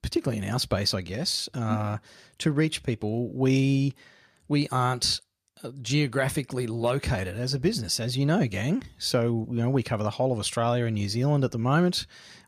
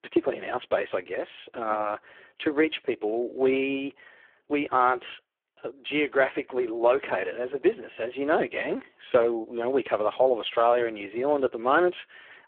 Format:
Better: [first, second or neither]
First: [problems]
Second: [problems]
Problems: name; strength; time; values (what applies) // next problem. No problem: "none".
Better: first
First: none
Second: phone-call audio; poor line